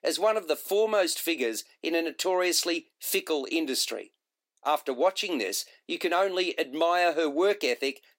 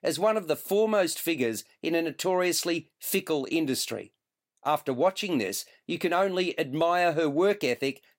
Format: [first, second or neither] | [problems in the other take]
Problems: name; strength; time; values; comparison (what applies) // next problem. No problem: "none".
second | thin; very slightly; fading below 300 Hz